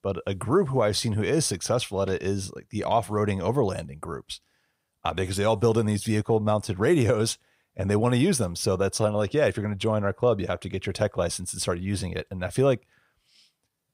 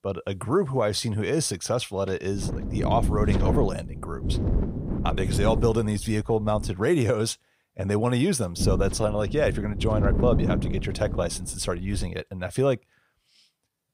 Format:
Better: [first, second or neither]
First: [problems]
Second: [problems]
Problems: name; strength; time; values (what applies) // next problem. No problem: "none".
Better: first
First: none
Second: wind noise on the microphone; heavy; from 2.5 to 6.5 s and from 8.5 to 12 s; 9 dB below the speech